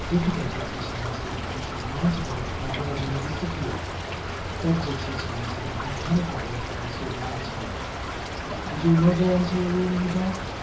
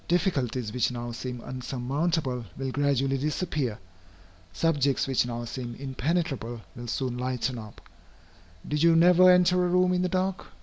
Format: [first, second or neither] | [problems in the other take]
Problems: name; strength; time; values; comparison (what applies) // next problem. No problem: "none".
second | background sound (Stream / Trickle, dribble); 3 dB below the speech // room echo; dies away in 0.7 s